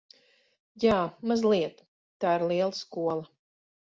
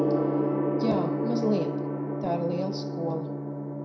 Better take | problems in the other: first | background sound (Gong); 4 dB above the speech // room echo; dies away in 0.5 s

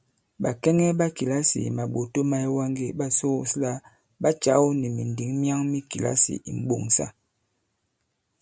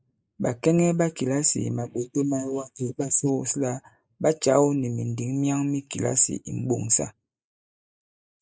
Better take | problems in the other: first | noise reduction (neural mask model Resemble Enhance denoiser)

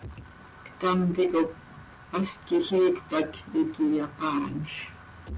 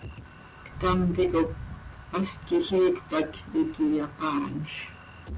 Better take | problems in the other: first | background sound (Thunder); 14 dB below the speech

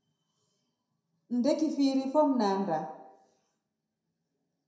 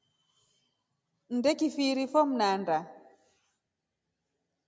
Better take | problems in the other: second | room echo; dies away in 0.6 s

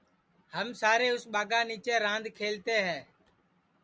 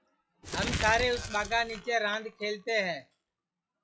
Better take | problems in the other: first | noise reduction (classical method log-MMSE)

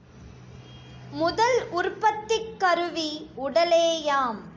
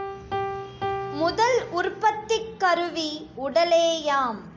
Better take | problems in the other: first | background sound (Piano); 11 dB below the speech

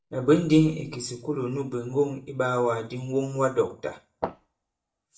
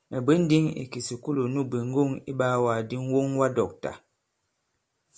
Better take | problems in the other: second | noise reduction (neural mask model DeepFilterNet 3)

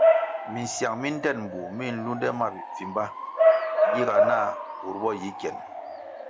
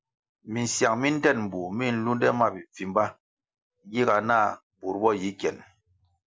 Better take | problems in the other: second | background sound (Bark / Motor vehicle (road) / Siren); 5 dB above the speech

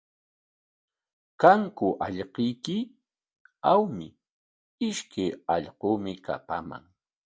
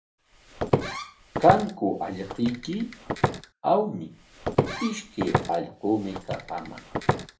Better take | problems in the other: first | background sound (Walk, footsteps); 2 dB below the speech // room echo; dies away in 0.3 s

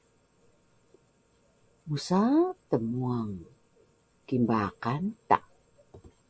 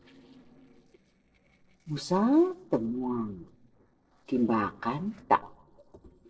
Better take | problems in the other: first | noise reduction (neural separator model SepFormer DNS4)

